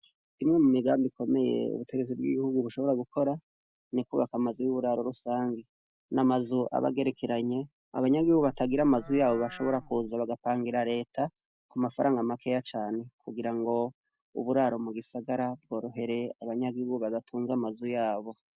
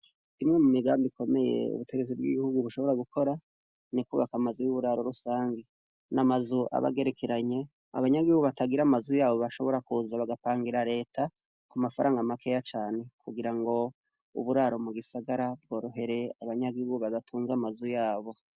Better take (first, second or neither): second